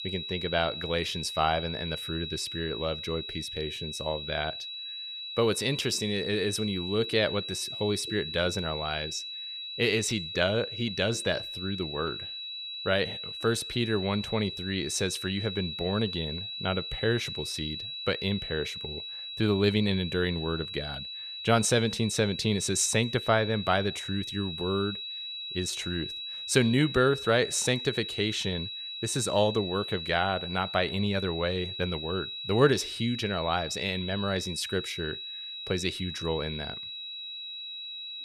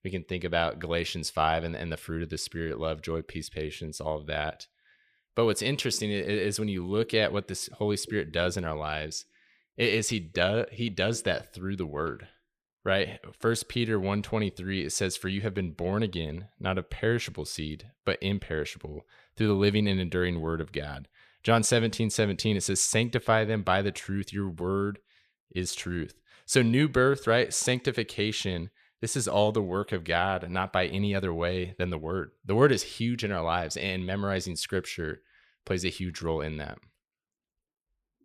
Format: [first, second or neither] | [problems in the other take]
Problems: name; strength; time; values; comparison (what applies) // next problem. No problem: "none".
second | high-pitched whine; loud; throughout; 4 kHz, 6 dB below the speech